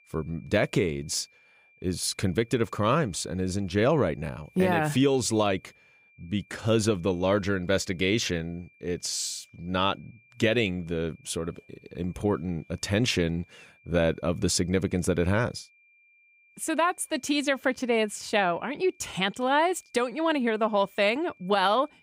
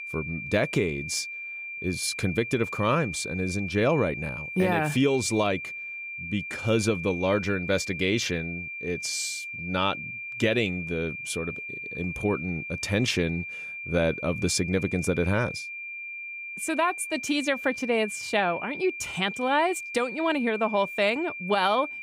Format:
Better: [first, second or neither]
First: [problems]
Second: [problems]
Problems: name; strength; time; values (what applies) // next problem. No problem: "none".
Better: first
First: high-pitched whine; faint; throughout; 2.5 kHz, 30 dB below the speech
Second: high-pitched whine; loud; throughout; 2.5 kHz, 7 dB below the speech